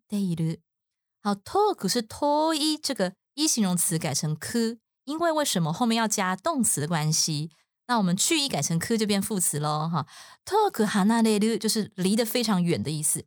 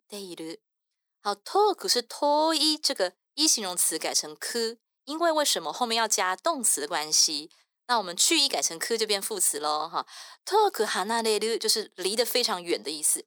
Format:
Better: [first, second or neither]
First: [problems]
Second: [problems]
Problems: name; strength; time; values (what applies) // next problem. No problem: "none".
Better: first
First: none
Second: thin; very; fading below 300 Hz